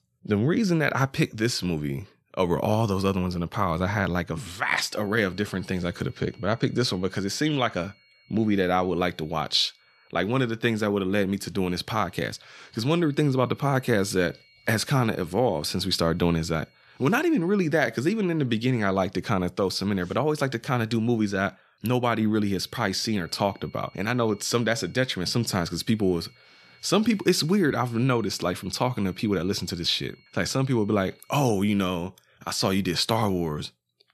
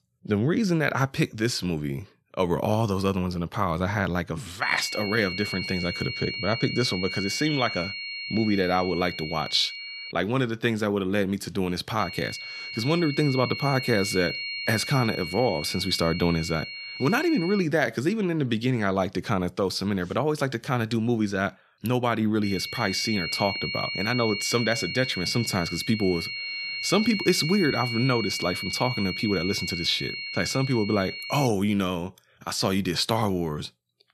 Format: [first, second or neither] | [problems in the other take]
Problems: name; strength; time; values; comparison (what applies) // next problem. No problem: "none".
first | high-pitched whine; loud; from 4.5 to 10 s, from 12 to 18 s and from 22 to 31 s; 2.5 kHz, 5 dB below the speech; faint in the first